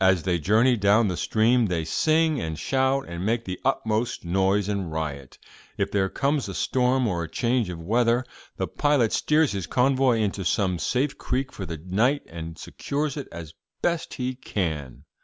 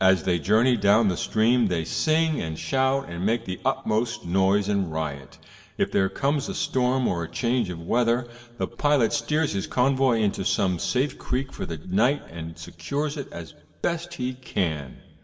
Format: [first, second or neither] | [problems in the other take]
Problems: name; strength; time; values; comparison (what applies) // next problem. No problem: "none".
first | room echo; dies away in 1.2 s